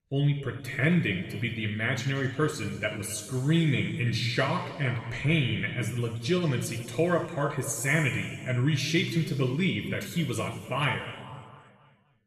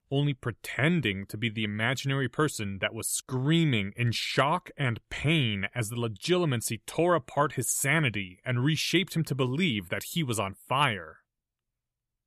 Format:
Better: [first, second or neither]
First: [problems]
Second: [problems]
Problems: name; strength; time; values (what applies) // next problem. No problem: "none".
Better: second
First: room echo; noticeable; dies away in 1.9 s // off-mic speech; somewhat distant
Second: none